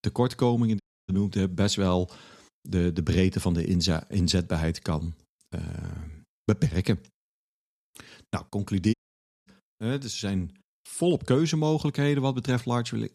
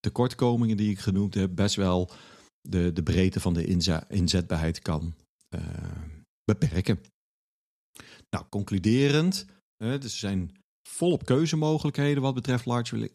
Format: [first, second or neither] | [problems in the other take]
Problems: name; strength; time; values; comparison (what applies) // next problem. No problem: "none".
second | audio cutting out; at 1 s and at 9 s for 0.5 s